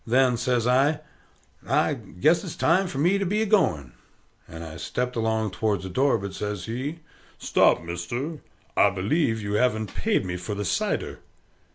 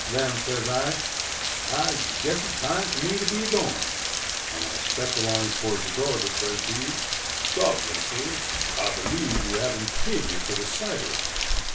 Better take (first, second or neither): first